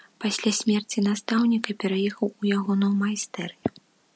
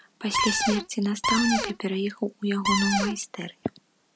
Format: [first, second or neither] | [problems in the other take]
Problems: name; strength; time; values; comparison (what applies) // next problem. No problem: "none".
first | background sound (Cupboard open or close); 1 dB above the speech